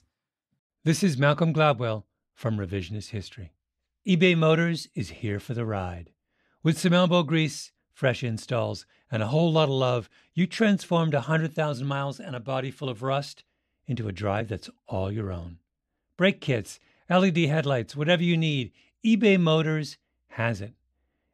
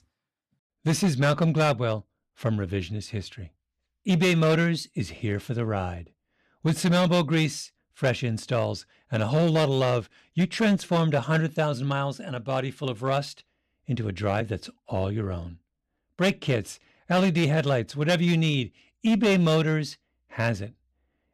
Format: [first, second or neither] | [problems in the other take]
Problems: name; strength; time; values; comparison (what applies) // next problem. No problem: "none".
first | distortion; slight; 6% of the sound clipped